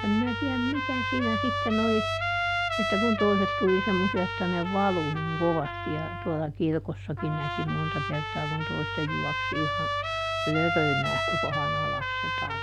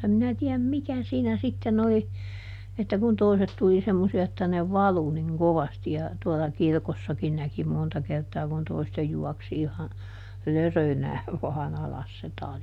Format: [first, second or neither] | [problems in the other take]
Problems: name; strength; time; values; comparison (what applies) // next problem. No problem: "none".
second | background sound (Trumpet); 2 dB below the speech